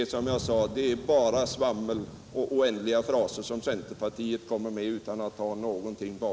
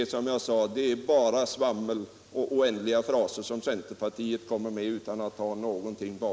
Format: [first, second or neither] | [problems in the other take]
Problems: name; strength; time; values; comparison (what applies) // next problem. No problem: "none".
second | background sound (Thunder / Rain); 16 dB below the speech